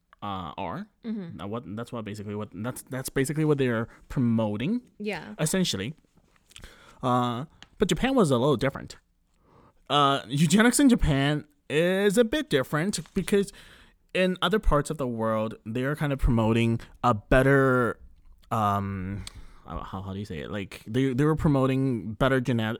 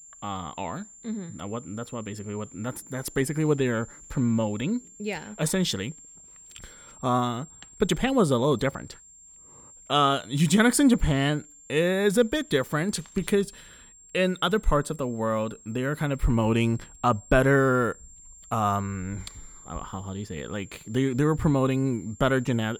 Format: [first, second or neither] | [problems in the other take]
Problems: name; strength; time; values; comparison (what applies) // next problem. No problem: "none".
first | high-pitched whine; faint; throughout; 7.5 kHz, 20 dB below the speech